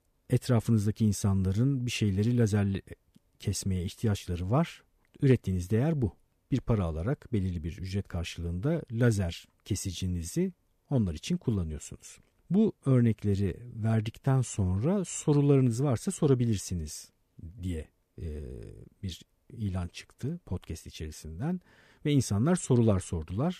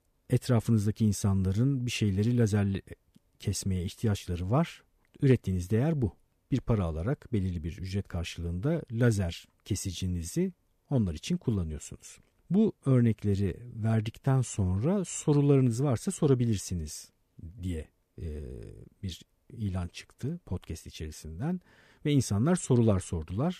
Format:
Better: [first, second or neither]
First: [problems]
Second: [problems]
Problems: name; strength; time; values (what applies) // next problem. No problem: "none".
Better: neither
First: none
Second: none